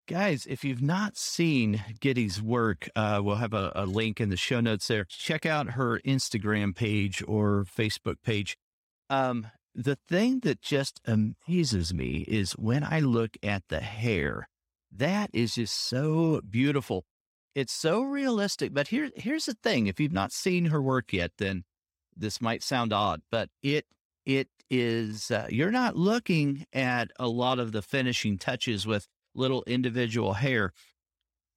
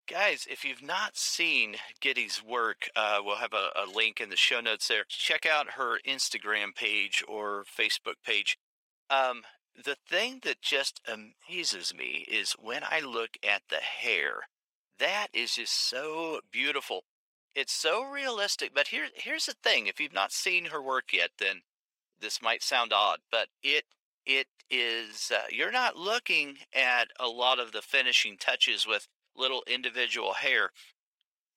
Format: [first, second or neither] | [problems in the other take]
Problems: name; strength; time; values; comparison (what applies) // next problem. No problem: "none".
first | thin; very; fading below 550 Hz